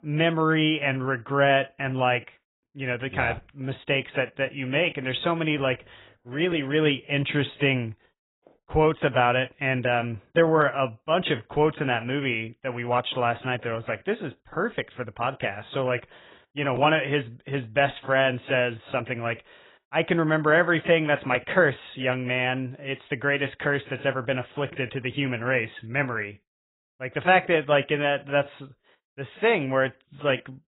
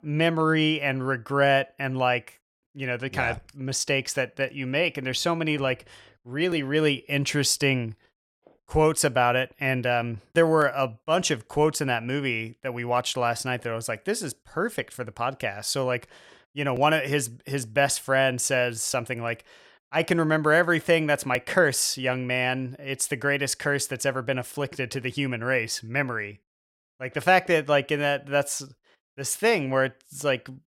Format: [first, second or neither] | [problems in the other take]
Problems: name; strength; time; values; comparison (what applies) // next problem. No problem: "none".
second | garbled, watery; badly; nothing above 3.5 kHz